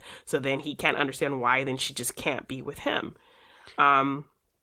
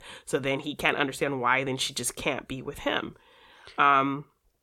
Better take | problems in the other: second | garbled, watery; slightly; nothing above 18.5 kHz

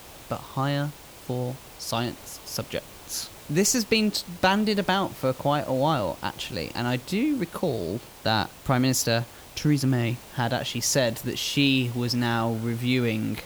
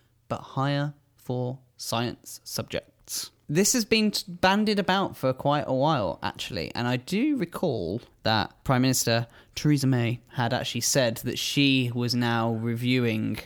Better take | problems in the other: second | hiss; noticeable; throughout; 20 dB below the speech

